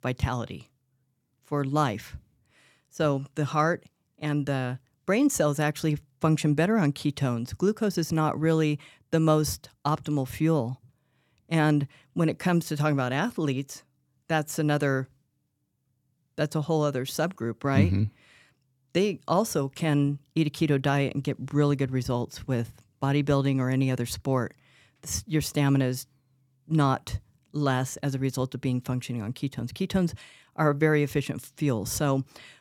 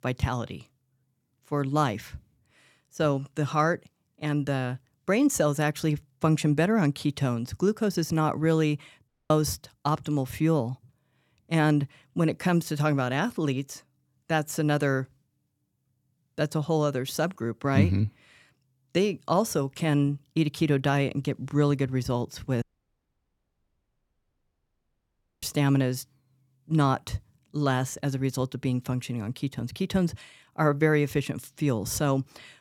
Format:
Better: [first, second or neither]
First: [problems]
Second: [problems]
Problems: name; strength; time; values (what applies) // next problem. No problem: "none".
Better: first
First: none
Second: audio cutting out; at 9 s and at 23 s for 3 s